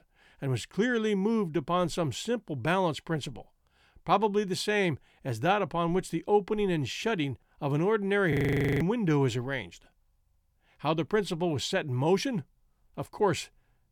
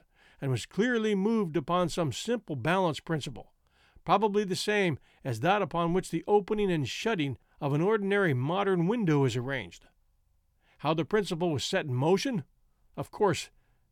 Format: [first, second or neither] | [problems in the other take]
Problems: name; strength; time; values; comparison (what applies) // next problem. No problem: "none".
second | audio freezing; at 8.5 s